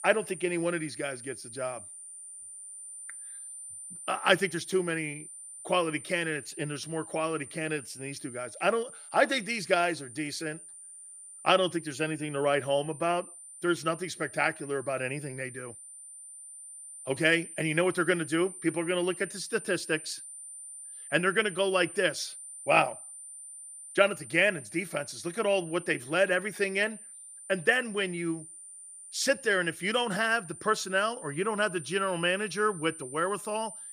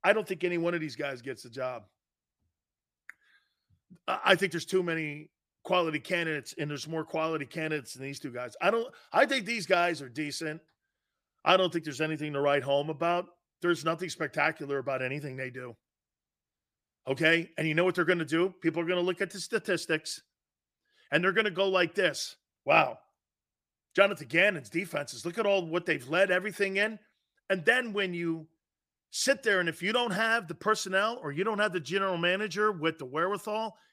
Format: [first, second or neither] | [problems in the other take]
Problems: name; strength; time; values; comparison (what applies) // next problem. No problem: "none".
second | high-pitched whine; noticeable; throughout; 9 kHz, 15 dB below the speech